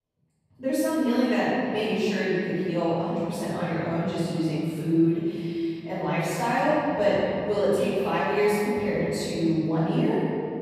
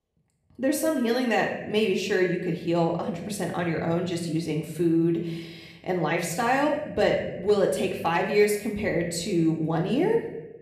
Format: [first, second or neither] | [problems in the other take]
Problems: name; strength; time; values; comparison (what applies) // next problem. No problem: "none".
second | room echo; strong; dies away in 2.3 s; slight in the second // off-mic speech; far; somewhat distant in the second